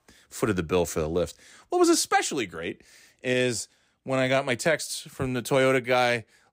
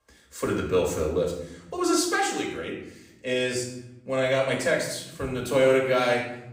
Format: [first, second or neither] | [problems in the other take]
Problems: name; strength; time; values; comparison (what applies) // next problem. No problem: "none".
first | off-mic speech; far // room echo; noticeable; dies away in 0.7 s